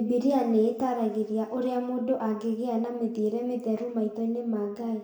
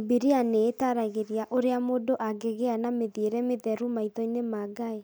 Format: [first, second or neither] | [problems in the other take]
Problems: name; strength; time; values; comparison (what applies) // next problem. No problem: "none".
second | room echo; dies away in 0.8 s